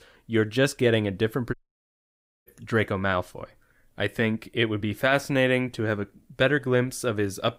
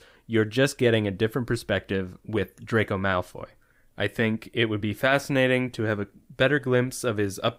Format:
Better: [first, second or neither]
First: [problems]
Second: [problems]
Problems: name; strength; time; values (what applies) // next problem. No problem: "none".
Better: second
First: audio cutting out; at 1.5 s for 1 s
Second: none